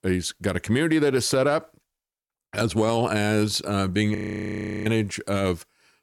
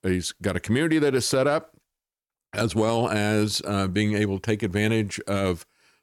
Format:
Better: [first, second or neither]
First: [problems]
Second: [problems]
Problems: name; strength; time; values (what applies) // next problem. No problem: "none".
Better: second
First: audio freezing; at 4 s for 0.5 s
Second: none